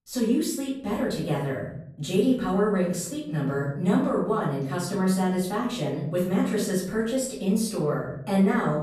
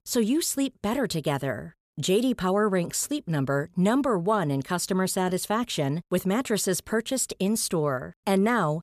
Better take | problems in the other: second | off-mic speech; far // room echo; noticeable; dies away in 0.8 s

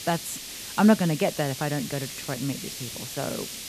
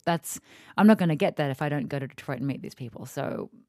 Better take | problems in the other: second | hiss; loud; throughout; 8 dB below the speech

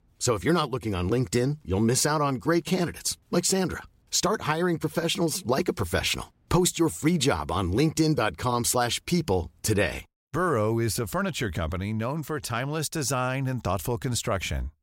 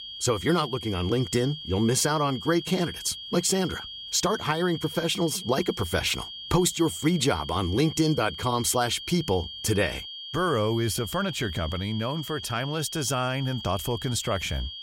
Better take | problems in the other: first | high-pitched whine; loud; throughout; 3 kHz, 10 dB below the speech

